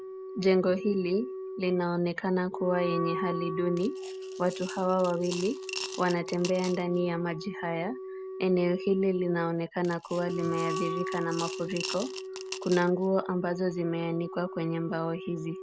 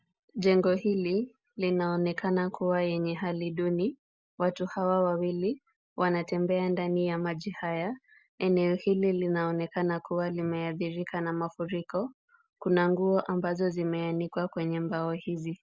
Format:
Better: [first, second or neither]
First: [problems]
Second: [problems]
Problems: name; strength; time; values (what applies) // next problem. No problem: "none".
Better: second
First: background sound (Coin (dropping) / Glass + Wind instrument, woodwind instrument); 8 dB below the speech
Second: none